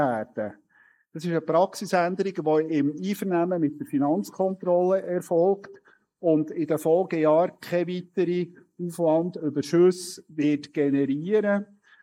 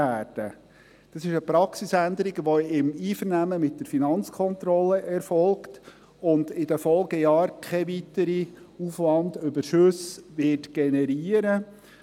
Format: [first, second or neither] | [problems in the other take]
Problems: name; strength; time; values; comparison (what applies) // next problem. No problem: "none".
second | noise reduction (neural mask model Resemble Enhance denoiser)